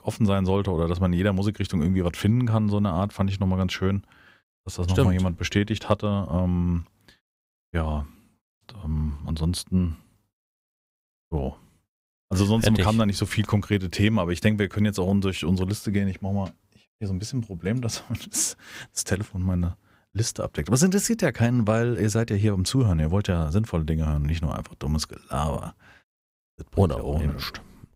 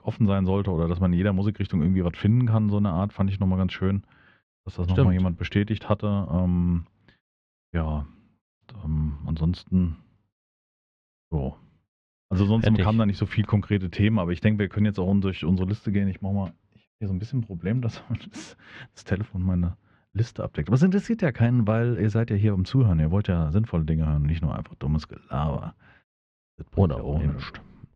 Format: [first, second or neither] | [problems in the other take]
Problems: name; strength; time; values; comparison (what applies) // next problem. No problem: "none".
first | muffled; slightly; fading above 3.5 kHz